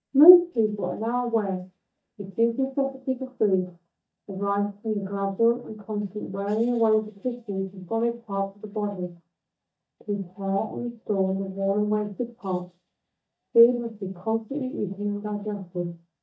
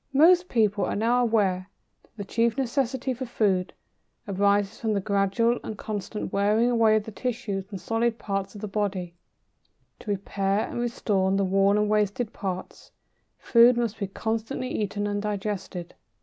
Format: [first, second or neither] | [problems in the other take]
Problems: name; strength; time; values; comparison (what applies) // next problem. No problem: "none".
second | noise reduction (neural mask model DeepFilterNet 3)